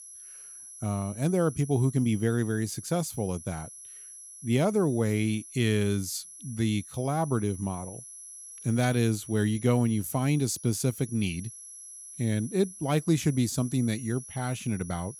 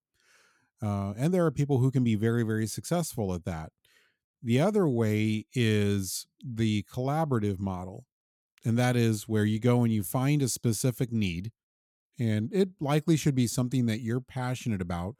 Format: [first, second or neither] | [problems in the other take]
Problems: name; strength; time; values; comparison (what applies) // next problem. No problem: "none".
second | high-pitched whine; noticeable; throughout; 11 kHz, 15 dB below the speech